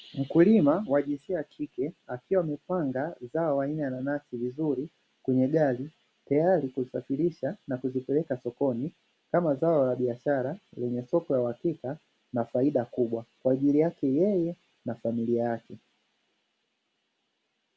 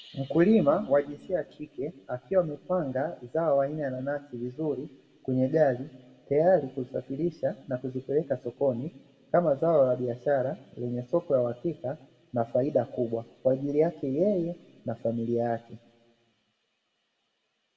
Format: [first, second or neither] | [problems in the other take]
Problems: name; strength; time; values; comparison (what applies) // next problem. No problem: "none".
first | room echo; dies away in 0.5 s